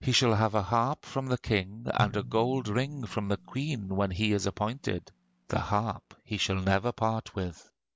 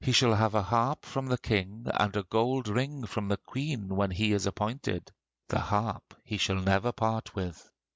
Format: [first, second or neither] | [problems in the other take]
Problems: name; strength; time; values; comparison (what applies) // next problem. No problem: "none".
second | background sound (Drum); 16 dB below the speech